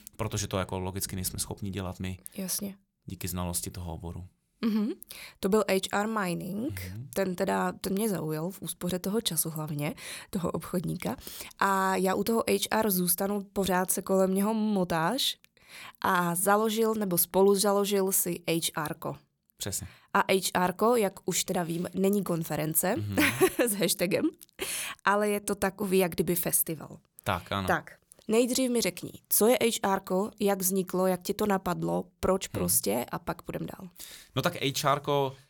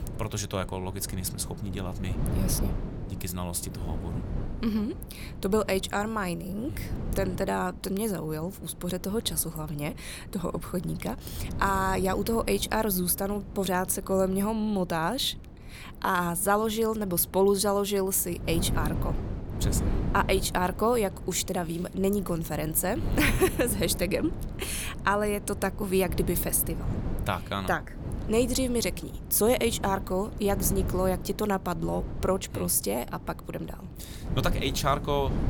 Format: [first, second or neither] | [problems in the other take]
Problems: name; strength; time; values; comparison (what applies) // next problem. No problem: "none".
first | wind noise on the microphone; occasional gusts; 15 dB below the speech